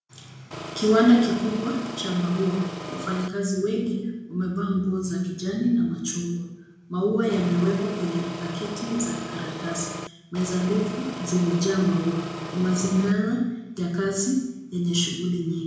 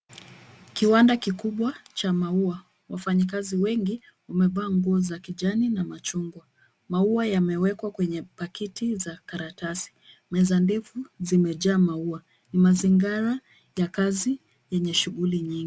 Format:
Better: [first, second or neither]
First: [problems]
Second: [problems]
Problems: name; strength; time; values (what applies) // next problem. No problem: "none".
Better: second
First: background sound (Engine); 10 dB below the speech // room echo; dies away in 0.9 s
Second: none